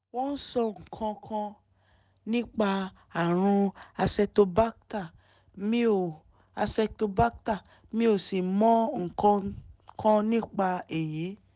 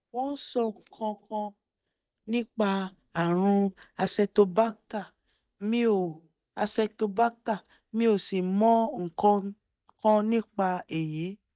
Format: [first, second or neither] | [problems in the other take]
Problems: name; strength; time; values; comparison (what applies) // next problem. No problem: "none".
first | noise reduction (neural mask model DeepFilterNet 3)